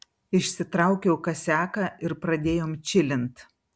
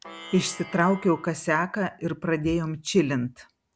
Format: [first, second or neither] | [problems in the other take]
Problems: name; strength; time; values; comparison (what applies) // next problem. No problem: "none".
first | background sound (Plucked string instrument); 17 dB below the speech